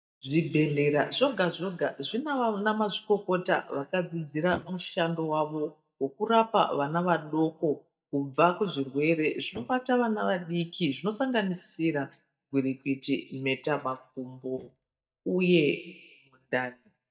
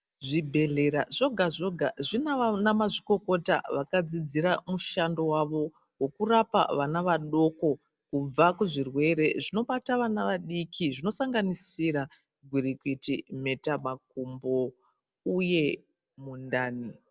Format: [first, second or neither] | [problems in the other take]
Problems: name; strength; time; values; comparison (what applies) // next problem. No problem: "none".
second | noise reduction (neural mask model DeepFilterNet 3)